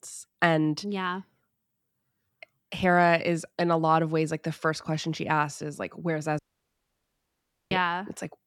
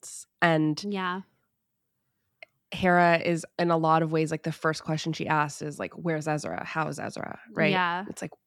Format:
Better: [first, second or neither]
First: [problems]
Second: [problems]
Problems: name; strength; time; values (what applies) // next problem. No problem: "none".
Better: second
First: audio cutting out; at 6.5 s for 1.5 s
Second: none